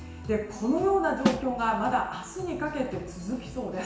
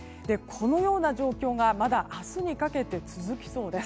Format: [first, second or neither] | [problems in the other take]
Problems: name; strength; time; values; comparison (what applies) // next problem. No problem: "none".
second | background sound (Snare drum); 6 dB below the speech // room echo; dies away in 0.7 s